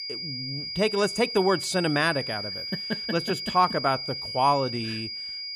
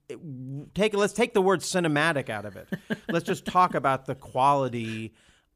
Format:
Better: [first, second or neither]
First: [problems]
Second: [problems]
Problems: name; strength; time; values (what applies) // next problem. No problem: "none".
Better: second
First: high-pitched whine; loud; throughout; 5 kHz, 6 dB below the speech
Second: none